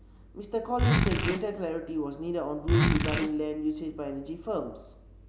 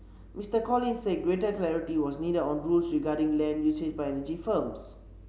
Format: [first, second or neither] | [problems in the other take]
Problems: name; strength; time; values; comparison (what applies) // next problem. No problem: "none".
second | background sound (Zipper (clothing)); 5 dB above the speech